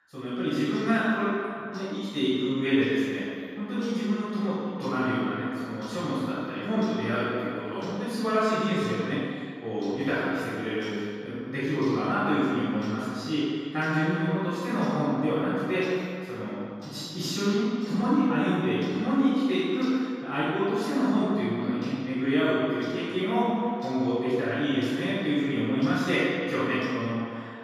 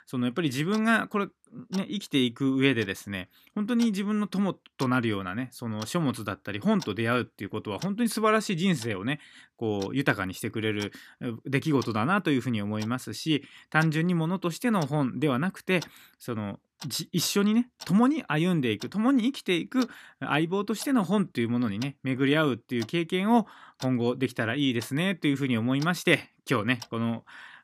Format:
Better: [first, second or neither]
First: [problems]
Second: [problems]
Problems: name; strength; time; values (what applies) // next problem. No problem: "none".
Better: second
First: room echo; strong; dies away in 2.2 s // off-mic speech; far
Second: none